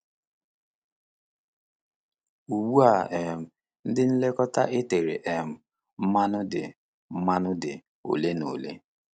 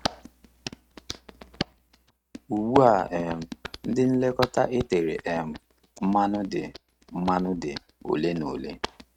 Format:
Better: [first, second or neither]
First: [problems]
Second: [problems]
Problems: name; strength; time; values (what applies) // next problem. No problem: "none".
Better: first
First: none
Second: noise reduction (neural mask model RNNoise)